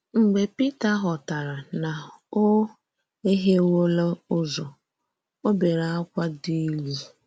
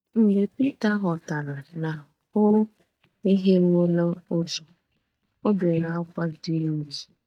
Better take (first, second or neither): first